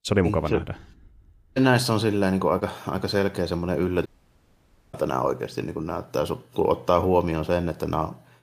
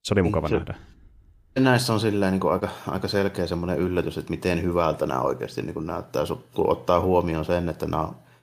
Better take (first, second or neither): second